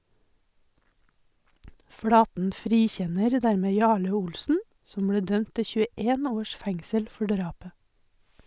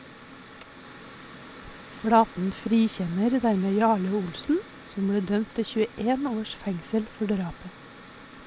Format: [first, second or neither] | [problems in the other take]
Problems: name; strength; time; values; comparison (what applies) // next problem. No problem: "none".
first | background sound (Mechanical fan); 18 dB below the speech